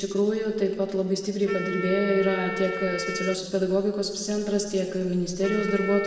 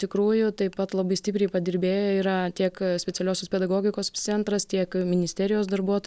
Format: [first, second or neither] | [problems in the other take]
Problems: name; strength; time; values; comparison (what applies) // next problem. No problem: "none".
second | background sound (Wind instrument, woodwind instrument); 10 dB below the speech // room echo; dies away in 1.5 s